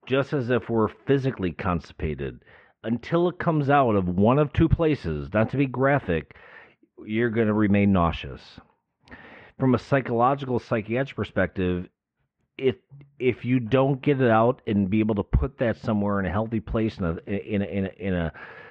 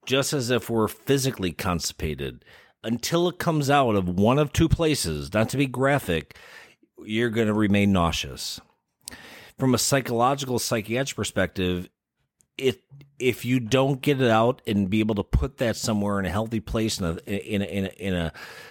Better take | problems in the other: second | muffled; very; fading above 2.5 kHz

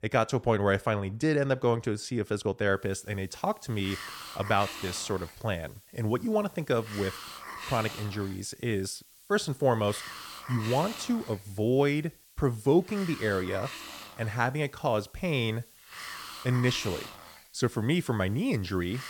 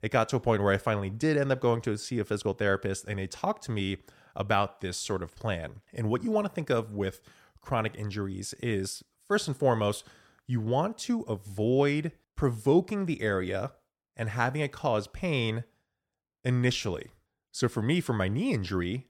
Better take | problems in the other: second | hiss; noticeable; from 3 s on; 10 dB below the speech

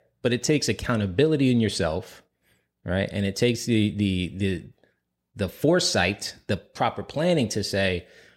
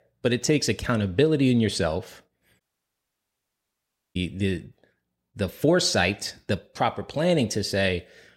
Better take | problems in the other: first | audio cutting out; at 2.5 s for 1.5 s

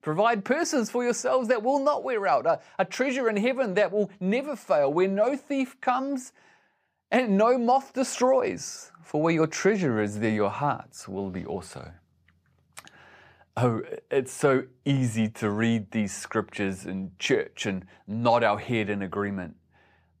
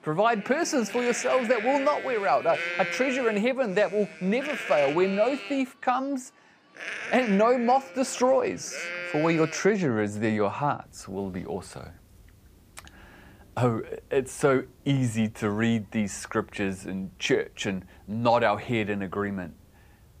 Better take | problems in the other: first | animal sounds; loud; throughout; 9 dB below the speech

